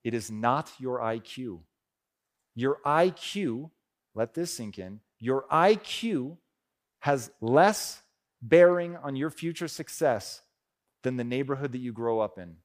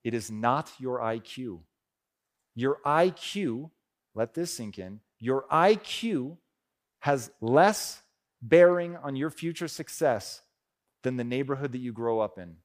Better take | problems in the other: neither | none

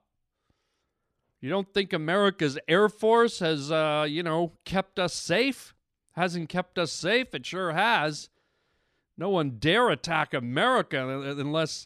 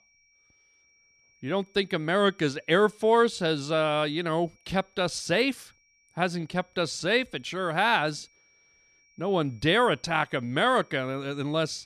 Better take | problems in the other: first | high-pitched whine; faint; throughout; 2.5 kHz, 35 dB below the speech

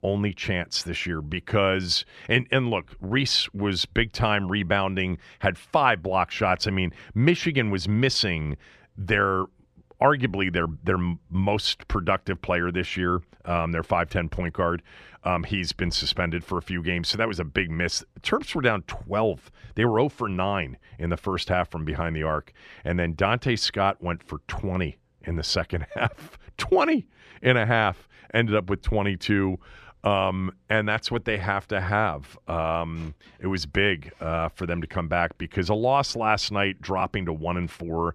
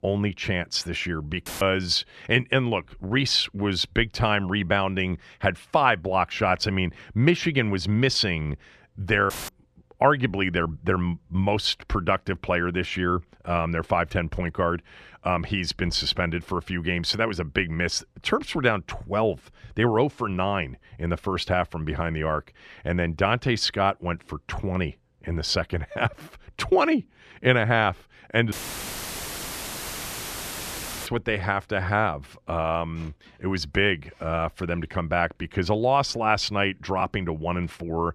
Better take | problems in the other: first | audio cutting out; filled with static; at 1.5 s, at 9.5 s and at 29 s for 2.5 s

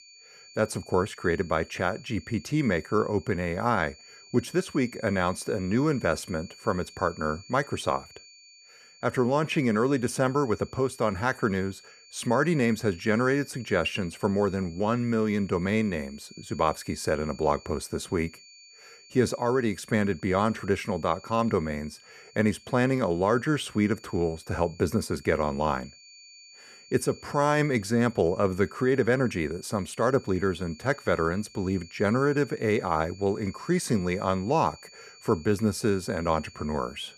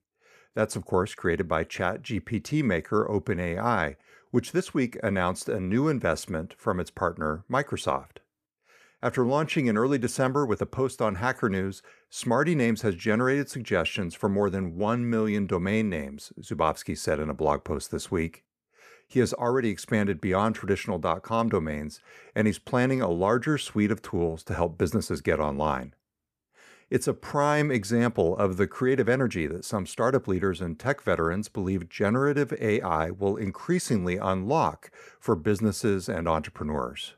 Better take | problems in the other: second | high-pitched whine; faint; throughout; 4.5 kHz, 20 dB below the speech

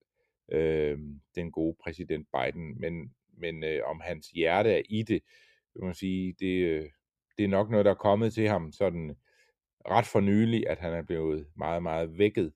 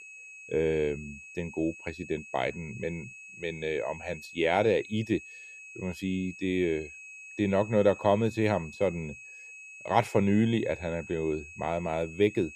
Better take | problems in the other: first | high-pitched whine; noticeable; throughout; 2.5 kHz, 15 dB below the speech

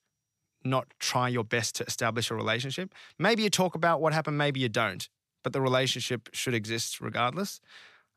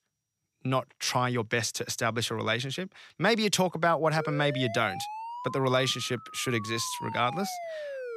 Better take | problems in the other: first | siren; noticeable; from 4 s on; peak 9 dB below the speech

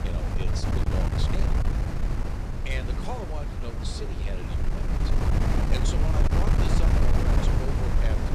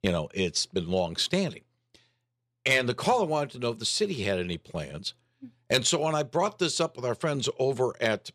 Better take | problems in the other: second | wind noise on the microphone; heavy; 4 dB above the speech

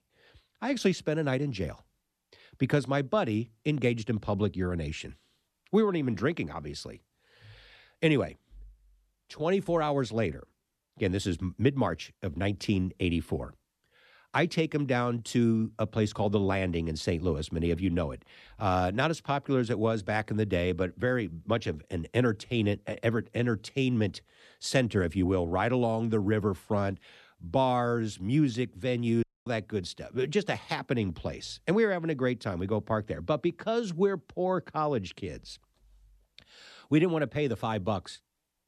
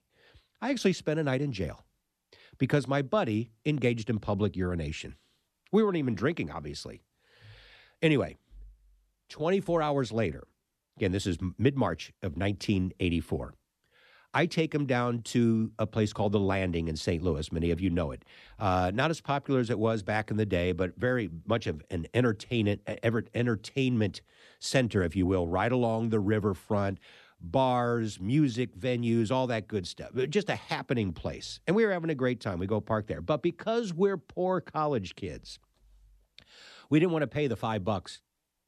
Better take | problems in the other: second | audio cutting out; at 29 s

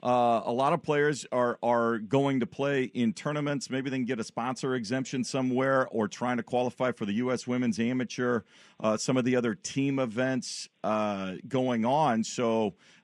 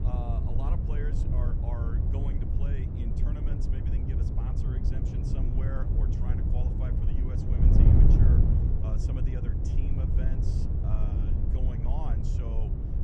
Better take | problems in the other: first | wind noise on the microphone; heavy; 5 dB above the speech

